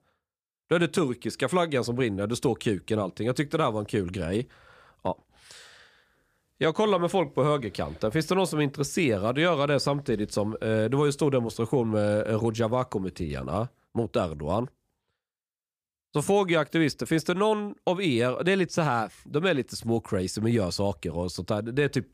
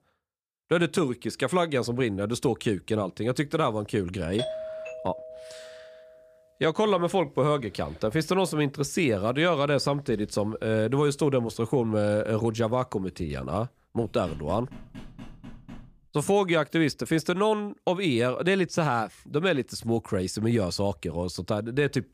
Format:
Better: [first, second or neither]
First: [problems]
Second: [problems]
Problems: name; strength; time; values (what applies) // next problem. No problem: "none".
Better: first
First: none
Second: doorbell; noticeable; from 4.5 to 6 s; peak 6 dB below the speech // door banging; faint; from 14 to 16 s; peak 15 dB below the speech